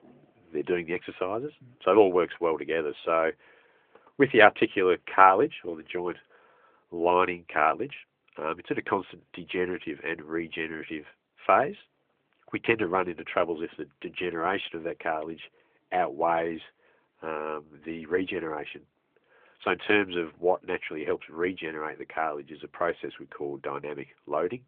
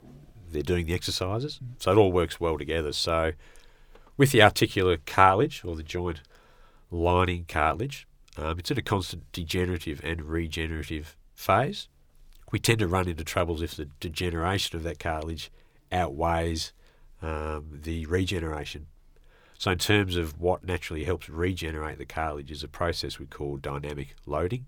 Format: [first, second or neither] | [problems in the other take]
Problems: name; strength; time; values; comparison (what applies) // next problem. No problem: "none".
second | phone-call audio; nothing above 3.5 kHz